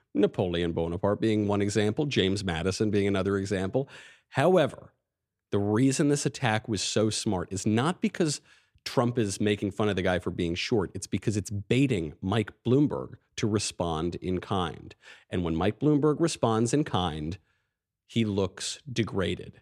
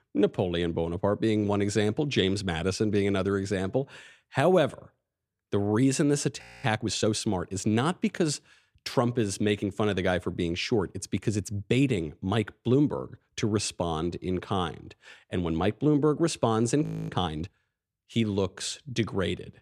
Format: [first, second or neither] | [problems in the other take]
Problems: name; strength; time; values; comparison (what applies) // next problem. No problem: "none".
first | audio freezing; at 6.5 s and at 17 s